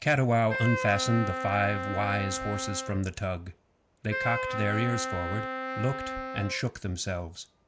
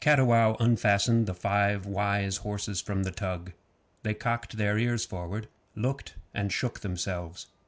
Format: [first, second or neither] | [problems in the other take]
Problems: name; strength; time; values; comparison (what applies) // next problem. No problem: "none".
second | background sound (Wind instrument, woodwind instrument); 5 dB below the speech